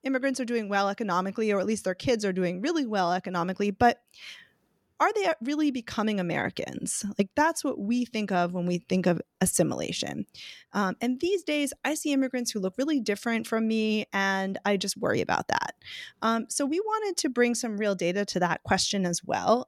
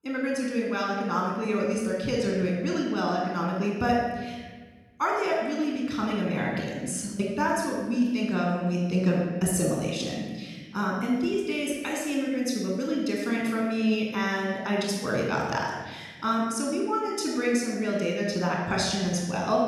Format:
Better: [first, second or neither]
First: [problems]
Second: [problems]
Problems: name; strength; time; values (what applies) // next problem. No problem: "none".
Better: first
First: none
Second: room echo; noticeable; dies away in 1.3 s // off-mic speech; somewhat distant